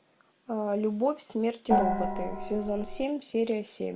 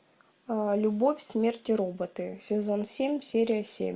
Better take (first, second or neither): second